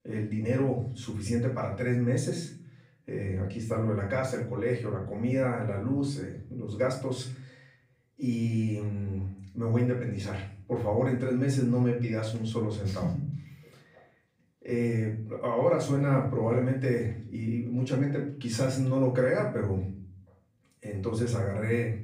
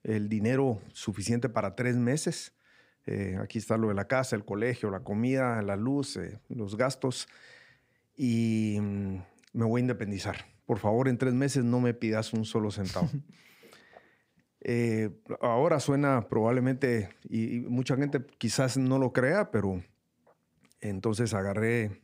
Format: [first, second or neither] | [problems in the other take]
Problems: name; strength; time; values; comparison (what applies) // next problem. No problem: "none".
second | off-mic speech; far // room echo; noticeable; dies away in 0.6 s